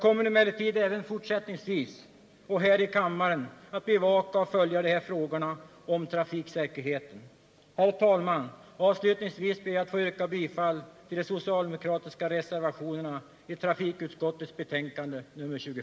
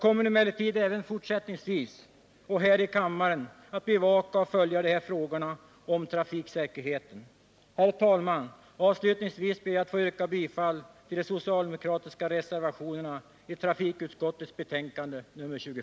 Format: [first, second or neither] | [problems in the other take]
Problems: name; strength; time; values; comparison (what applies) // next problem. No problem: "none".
second | room echo; dies away in 2 s